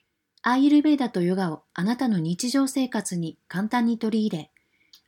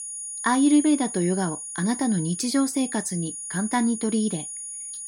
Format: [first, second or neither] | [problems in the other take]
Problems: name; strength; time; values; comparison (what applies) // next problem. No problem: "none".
first | high-pitched whine; loud; throughout; 9.5 kHz, 8 dB below the speech